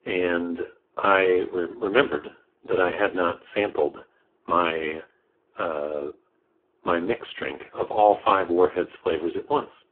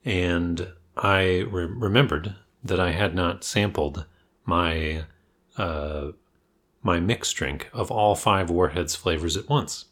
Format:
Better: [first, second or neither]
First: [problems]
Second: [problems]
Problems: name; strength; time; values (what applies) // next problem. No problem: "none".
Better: second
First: phone-call audio; poor line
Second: none